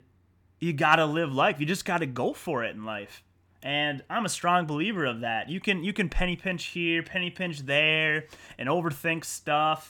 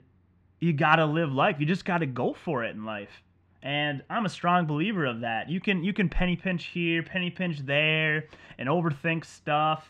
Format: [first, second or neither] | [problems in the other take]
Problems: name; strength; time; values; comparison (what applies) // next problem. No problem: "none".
first | muffled; slightly; fading above 3.5 kHz